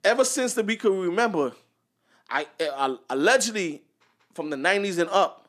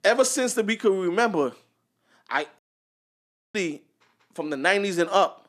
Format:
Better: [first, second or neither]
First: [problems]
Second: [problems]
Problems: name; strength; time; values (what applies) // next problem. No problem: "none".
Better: first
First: none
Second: audio cutting out; at 2.5 s for 1 s